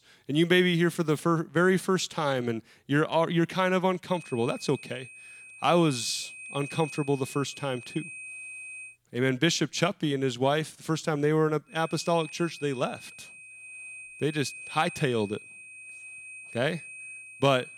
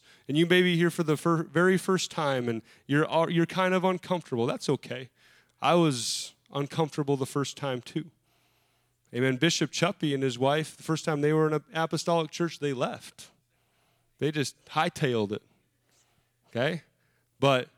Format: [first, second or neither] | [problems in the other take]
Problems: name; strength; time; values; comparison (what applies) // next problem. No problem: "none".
second | high-pitched whine; noticeable; from 4 to 9 s and from 12 s on; 2.5 kHz, 15 dB below the speech